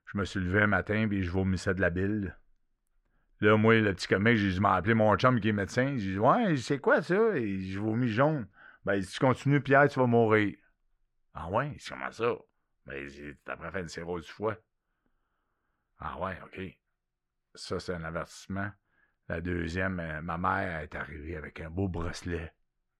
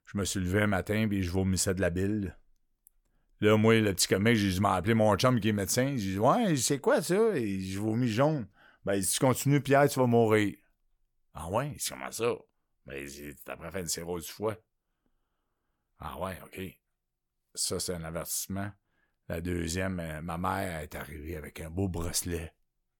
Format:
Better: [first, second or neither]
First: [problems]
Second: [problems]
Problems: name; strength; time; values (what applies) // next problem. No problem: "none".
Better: second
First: muffled; slightly; fading above 3 kHz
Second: none